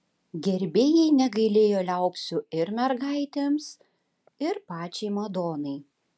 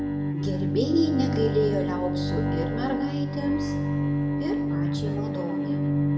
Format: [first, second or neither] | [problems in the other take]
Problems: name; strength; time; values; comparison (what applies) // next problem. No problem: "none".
first | background sound (Bowed string instrument); 3 dB above the speech // room echo; dies away in 0.8 s